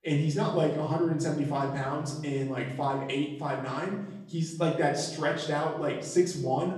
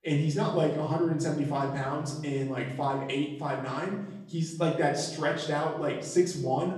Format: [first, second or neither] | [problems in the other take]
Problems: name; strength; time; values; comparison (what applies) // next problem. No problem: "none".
neither | off-mic speech; far; the same in both // room echo; noticeable; dies away in 0.9 s; the same in both